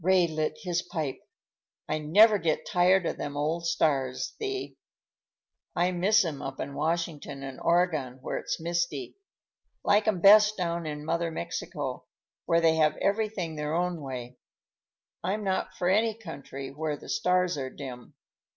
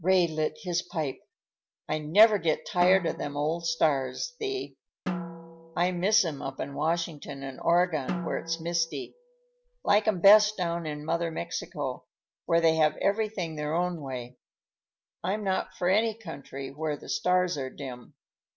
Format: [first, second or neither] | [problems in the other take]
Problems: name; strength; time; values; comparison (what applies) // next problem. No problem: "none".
first | background sound (Drum); 11 dB below the speech